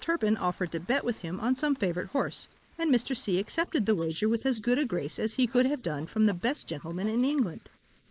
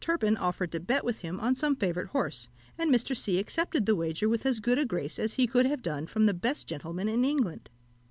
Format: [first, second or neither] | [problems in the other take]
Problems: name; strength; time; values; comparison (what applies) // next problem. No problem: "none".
second | noise reduction (neural mask model Resemble Enhance denoiser)